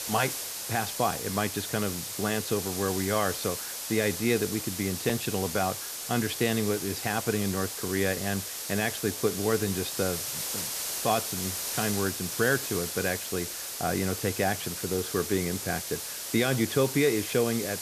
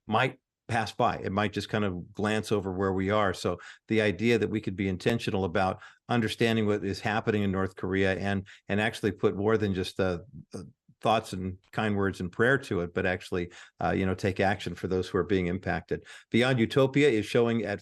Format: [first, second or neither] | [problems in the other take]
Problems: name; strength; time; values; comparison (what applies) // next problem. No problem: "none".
second | hiss; loud; throughout; 3 dB below the speech